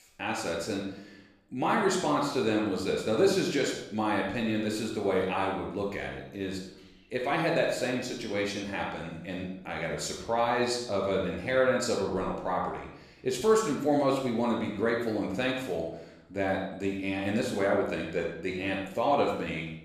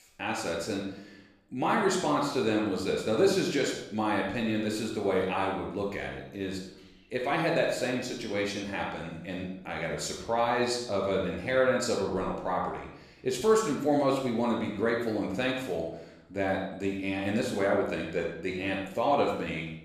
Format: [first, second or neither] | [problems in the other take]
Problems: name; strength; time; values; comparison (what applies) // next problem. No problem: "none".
neither | room echo; noticeable; dies away in 0.7 s; the same in both // off-mic speech; somewhat distant; the same in both